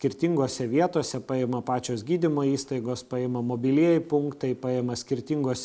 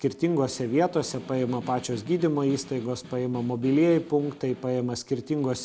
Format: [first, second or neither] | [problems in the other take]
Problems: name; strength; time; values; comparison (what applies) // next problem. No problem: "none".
first | background sound (Snare drum); 20 dB below the speech